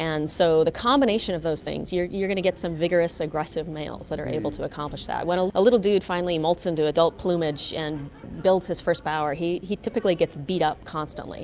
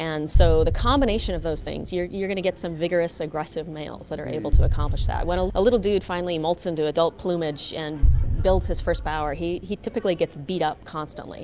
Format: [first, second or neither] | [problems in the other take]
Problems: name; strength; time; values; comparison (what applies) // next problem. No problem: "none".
first | background sound (Boom); as loud as the speech